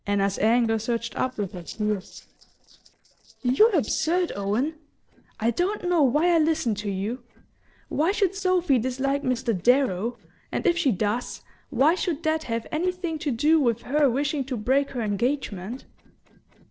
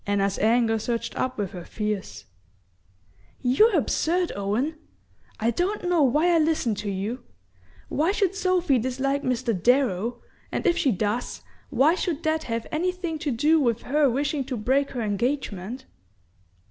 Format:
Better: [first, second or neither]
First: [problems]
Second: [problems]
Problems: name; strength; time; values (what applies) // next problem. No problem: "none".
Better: second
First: noise reduction (neural separator model SepFormer DNS4)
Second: none